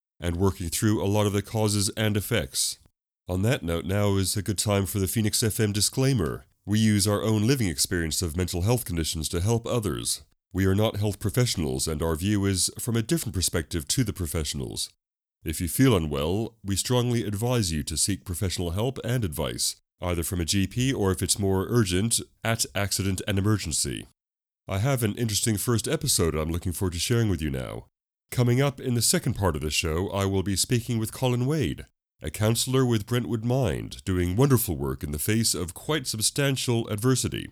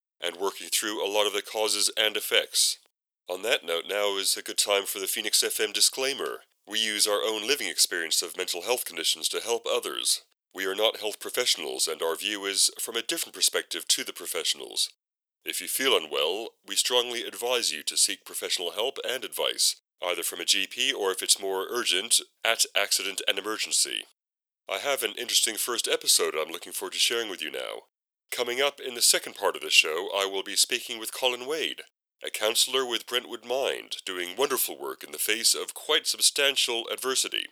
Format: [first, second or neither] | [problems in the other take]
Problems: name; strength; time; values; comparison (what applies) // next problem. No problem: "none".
first | thin; very; fading below 450 Hz